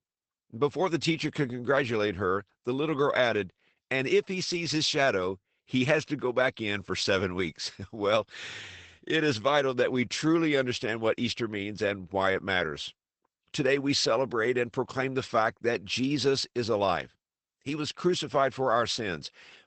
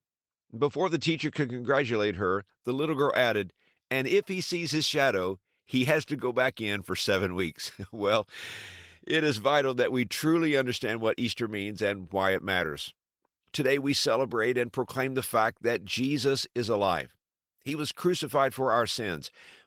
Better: second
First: garbled, watery; badly; nothing above 8 kHz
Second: garbled, watery; slightly; nothing above 18.5 kHz

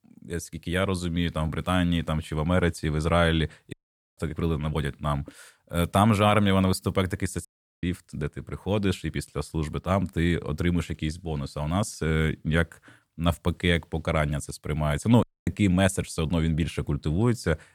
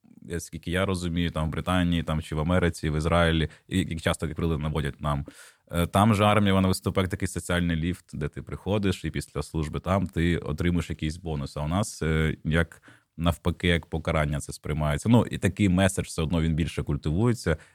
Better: second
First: audio cutting out; at 3.5 s, at 7.5 s and at 15 s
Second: none

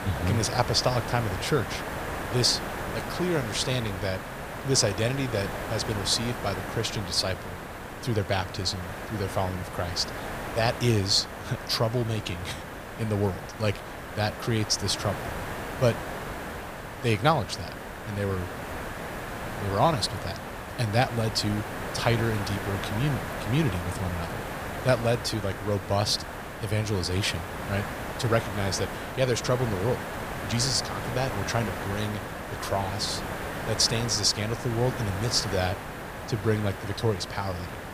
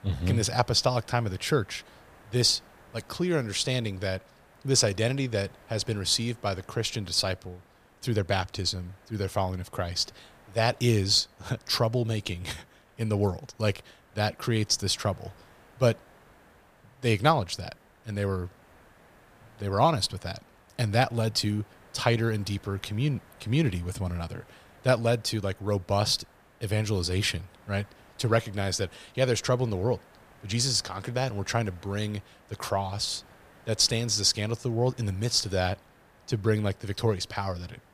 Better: second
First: hiss; loud; throughout; 7 dB below the speech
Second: hiss; faint; throughout; 30 dB below the speech

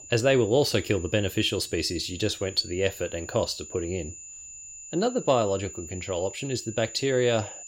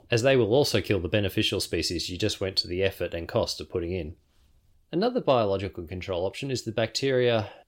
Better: second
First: high-pitched whine; noticeable; throughout; 7 kHz, 15 dB below the speech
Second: none

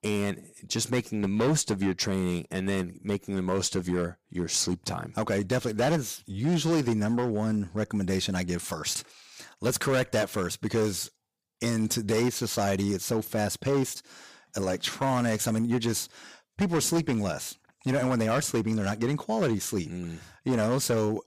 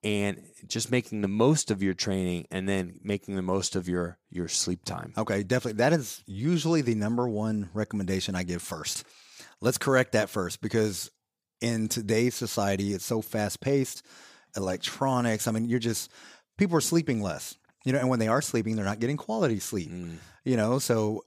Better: second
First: distortion; slight; 8% of the sound clipped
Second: none

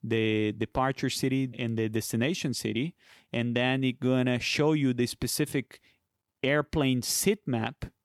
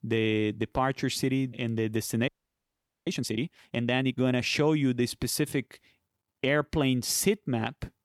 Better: first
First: none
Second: audio freezing; at 2.5 s for 1 s

